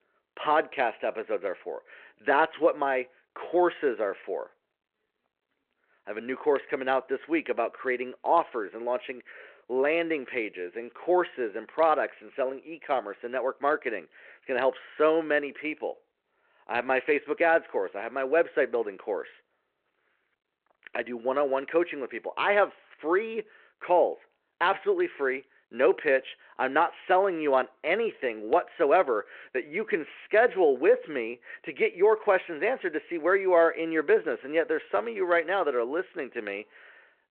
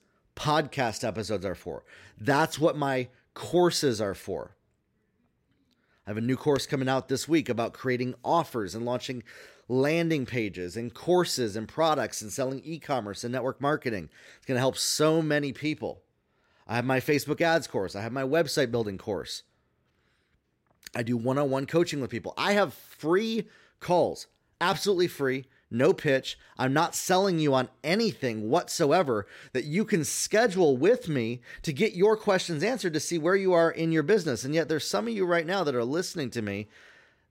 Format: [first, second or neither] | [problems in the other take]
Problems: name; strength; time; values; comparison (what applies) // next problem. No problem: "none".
second | phone-call audio